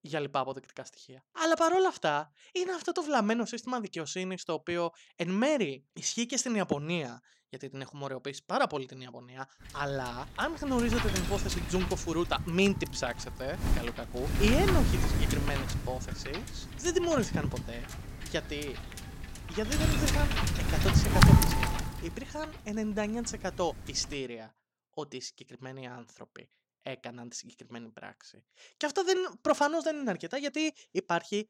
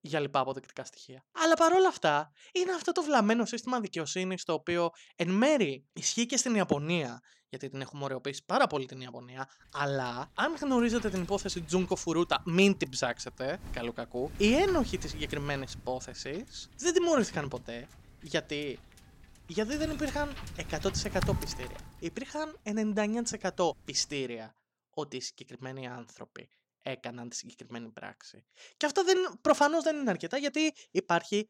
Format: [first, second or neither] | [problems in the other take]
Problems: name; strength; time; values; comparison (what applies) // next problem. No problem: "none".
second | wind noise on the microphone; heavy; from 9.5 to 24 s; 2 dB below the speech; occasional gusts in the second